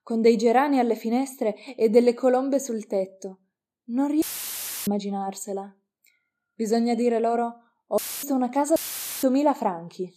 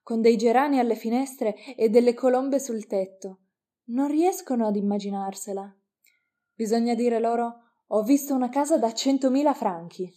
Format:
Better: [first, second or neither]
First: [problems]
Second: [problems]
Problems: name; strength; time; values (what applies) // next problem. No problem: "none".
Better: second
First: audio cutting out; filled with static; at 4 s for 0.5 s, at 8 s and at 9 s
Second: none